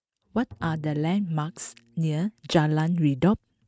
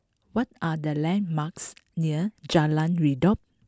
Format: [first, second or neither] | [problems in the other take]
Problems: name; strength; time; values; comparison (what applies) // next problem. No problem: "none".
second | noise reduction (neural mask model RNNoise)